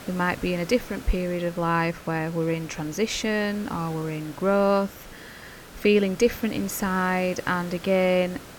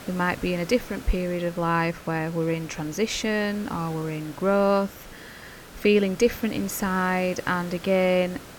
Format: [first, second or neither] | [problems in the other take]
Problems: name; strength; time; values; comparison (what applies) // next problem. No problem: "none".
neither | hiss; noticeable; throughout; 15 dB below the speech; the same in both